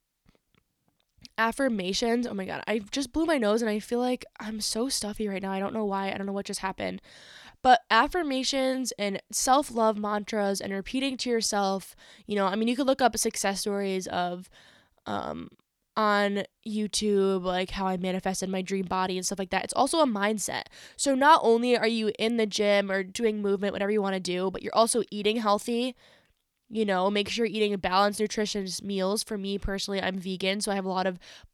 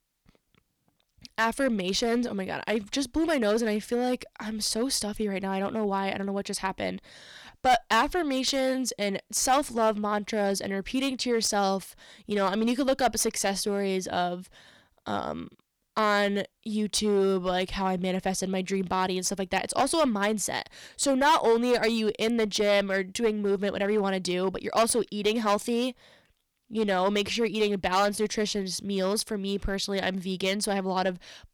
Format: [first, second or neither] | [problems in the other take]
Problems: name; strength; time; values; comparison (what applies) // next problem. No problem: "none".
first | distortion; slight; 4% of the sound clipped